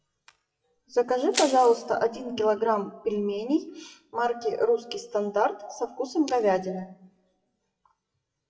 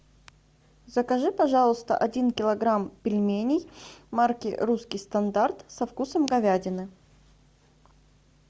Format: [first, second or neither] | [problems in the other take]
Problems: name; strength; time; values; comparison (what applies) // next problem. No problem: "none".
second | noise reduction (classical method WPE with log-MMSE)